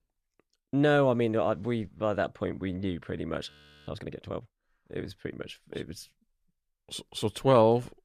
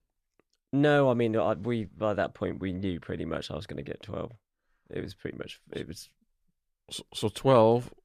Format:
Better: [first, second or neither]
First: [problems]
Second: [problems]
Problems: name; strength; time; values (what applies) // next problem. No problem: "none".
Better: second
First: audio freezing; at 3.5 s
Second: none